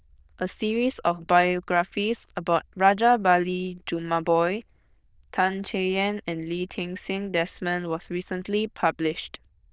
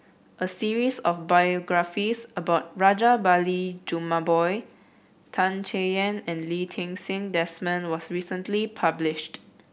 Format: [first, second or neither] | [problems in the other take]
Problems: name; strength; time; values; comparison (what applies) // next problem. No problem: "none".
second | noise reduction (neural diffusion model UNIVERSE++)